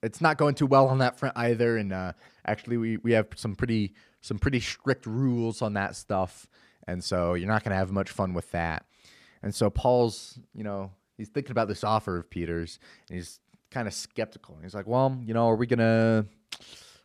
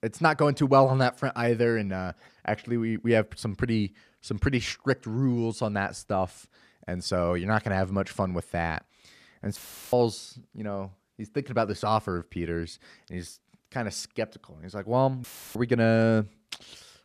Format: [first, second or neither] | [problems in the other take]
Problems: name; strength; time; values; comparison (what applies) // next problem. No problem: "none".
first | audio cutting out; filled with static; at 9.5 s and at 15 s